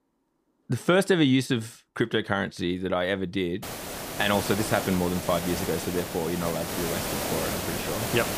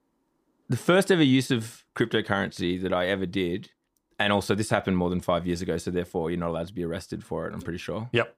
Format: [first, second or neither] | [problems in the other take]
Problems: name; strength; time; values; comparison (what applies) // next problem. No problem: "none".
second | hiss; loud; from 3.5 s on; 4 dB below the speech